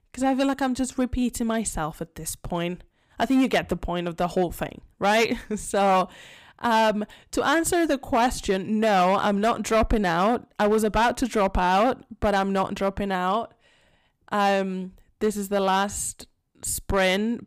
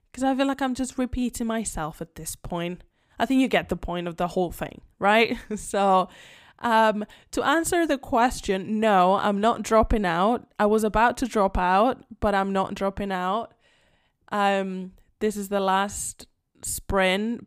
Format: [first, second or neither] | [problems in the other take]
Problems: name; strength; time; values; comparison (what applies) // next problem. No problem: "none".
second | distortion; slight; 5% of the sound clipped